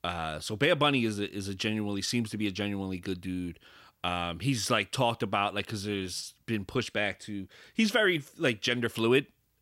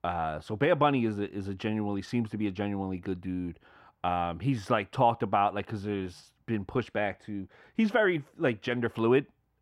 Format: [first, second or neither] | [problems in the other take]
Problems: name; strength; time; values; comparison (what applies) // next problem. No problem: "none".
first | muffled; very; fading above 3 kHz